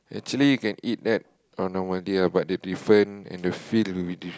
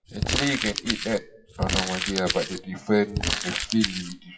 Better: first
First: none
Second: noise reduction (classical method WPE with log-MMSE)

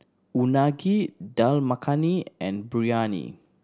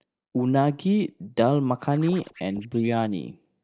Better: first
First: none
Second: noise reduction (neural mask model DeepFilterNet 3)

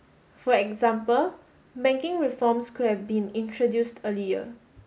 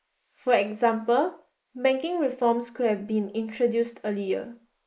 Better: first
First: none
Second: noise reduction (neural mask model Resemble Enhance denoiser)

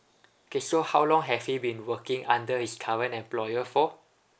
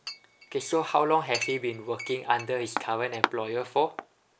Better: first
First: none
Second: background sound (Chink, clink); 8 dB below the speech

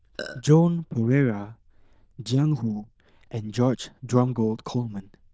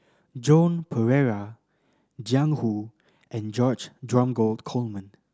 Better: second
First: noise reduction (neural diffusion model UNIVERSE++)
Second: none

